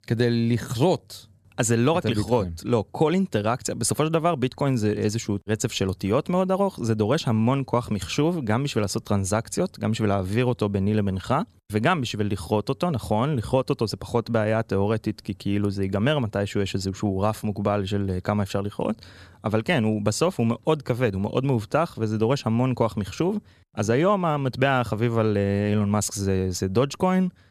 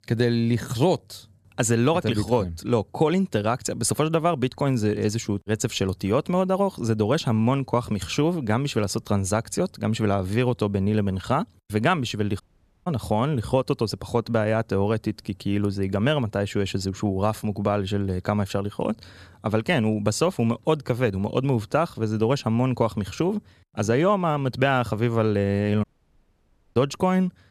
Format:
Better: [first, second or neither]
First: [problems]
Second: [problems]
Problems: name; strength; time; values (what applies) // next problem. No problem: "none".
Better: first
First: none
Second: audio cutting out; at 12 s and at 26 s for 1 s